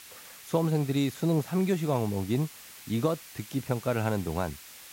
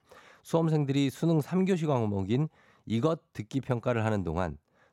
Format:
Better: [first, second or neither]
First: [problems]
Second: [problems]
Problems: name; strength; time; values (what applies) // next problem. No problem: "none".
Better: second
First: hiss; noticeable; throughout; 15 dB below the speech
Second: none